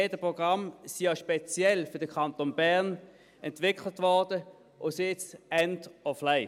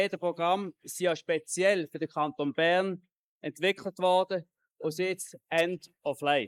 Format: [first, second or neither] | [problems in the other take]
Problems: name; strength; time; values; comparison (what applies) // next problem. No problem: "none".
first | noise reduction (neural mask model Resemble Enhance denoiser)